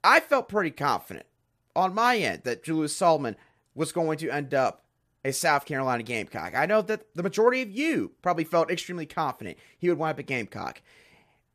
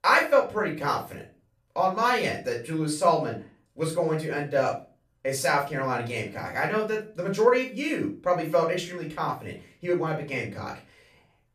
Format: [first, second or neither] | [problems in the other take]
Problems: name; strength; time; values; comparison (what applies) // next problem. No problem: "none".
first | off-mic speech; far // room echo; slight; dies away in 0.3 s